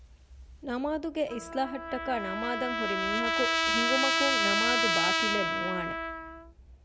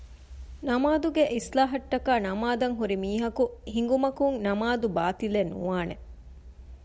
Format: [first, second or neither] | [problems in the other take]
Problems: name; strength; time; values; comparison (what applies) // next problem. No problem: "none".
second | background sound (Trumpet); 4 dB above the speech